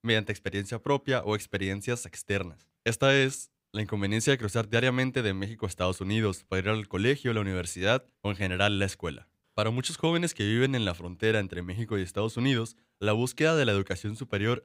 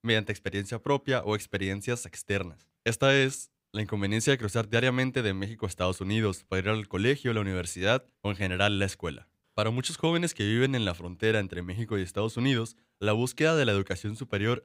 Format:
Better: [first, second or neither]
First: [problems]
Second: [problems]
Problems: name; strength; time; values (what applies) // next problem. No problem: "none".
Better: neither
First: none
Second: none